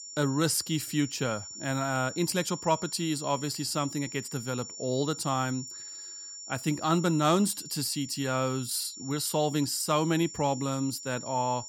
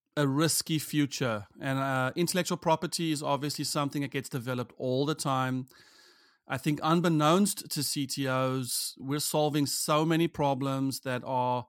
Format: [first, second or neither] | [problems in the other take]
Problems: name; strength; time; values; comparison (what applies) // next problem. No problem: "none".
second | high-pitched whine; noticeable; throughout; 7 kHz, 10 dB below the speech